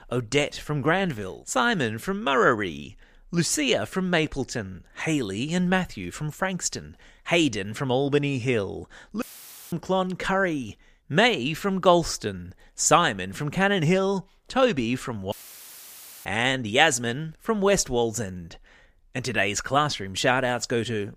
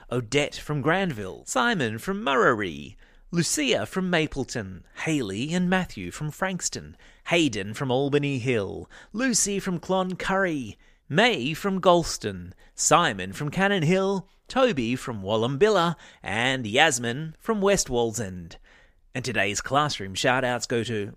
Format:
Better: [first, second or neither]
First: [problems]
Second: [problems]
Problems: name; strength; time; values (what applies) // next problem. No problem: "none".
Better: second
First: audio cutting out; filled with static; at 9 s for 0.5 s and at 15 s for 1 s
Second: none